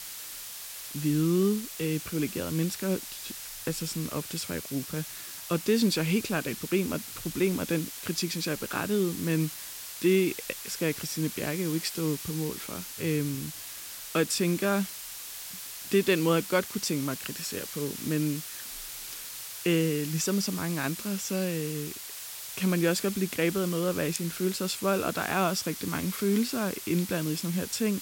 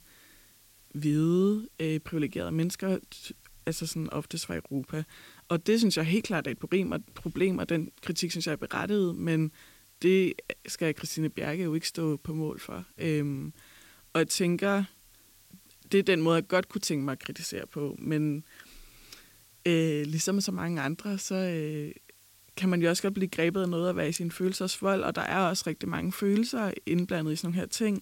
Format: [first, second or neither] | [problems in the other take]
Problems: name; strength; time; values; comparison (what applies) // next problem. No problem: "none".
second | hiss; loud; throughout; 8 dB below the speech; faint in the second